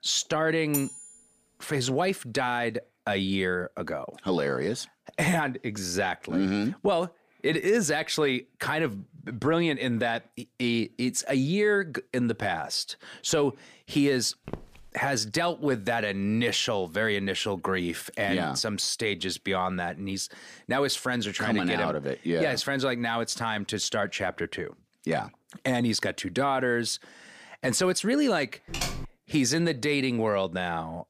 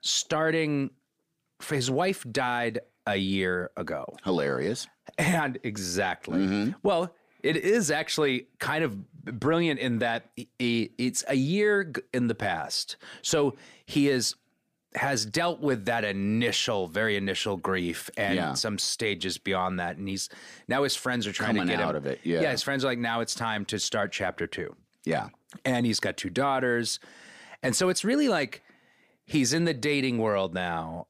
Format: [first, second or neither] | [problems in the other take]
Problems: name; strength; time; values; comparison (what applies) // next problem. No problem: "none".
second | clattering dishes; noticeable; at 0.5 s; peak 5 dB below the speech // footsteps; faint; at 14 s; peak 15 dB below the speech // keyboard typing; noticeable; at 29 s; peak 4 dB below the speech